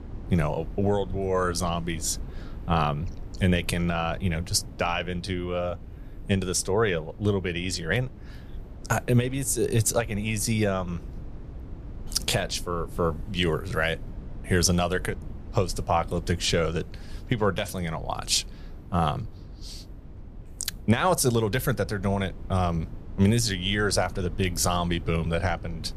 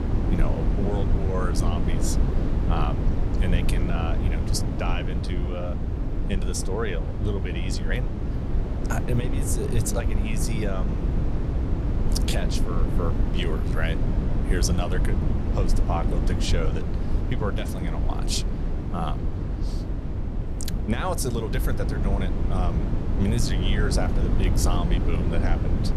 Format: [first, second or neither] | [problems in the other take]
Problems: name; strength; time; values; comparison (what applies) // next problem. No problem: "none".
first | low rumble; loud; throughout; 3 dB below the speech; faint in the first